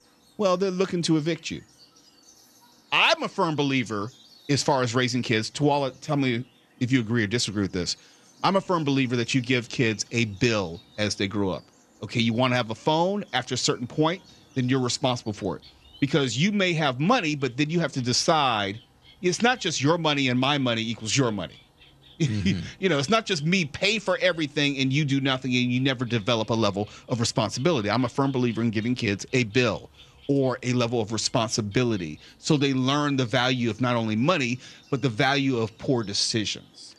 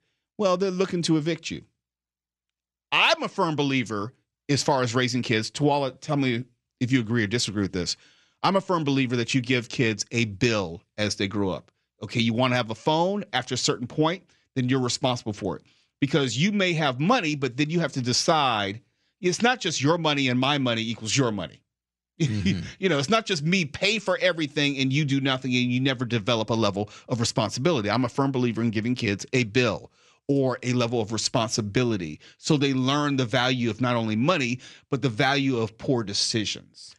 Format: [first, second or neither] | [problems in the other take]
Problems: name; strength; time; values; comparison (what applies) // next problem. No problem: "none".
second | animal sounds; faint; throughout; 25 dB below the speech